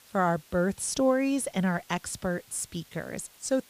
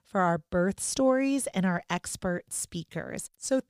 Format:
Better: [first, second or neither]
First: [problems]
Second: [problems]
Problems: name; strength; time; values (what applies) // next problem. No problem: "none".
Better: second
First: hiss; faint; throughout; 25 dB below the speech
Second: none